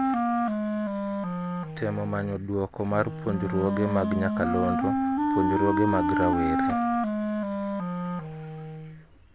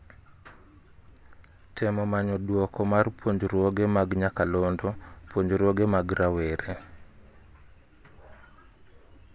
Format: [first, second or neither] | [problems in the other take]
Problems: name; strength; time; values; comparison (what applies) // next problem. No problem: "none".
second | background sound (Wind instrument, woodwind instrument); 3 dB above the speech